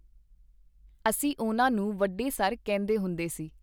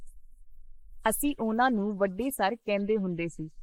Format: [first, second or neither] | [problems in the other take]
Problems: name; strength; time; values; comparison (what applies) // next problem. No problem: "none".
first | noise reduction (neural mask model Resemble Enhance denoiser)